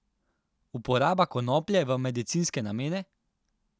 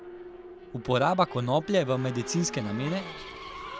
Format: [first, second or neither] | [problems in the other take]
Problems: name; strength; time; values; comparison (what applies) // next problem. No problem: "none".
first | background sound (Race car, auto racing / Accelerating, revving, vroom); 12 dB below the speech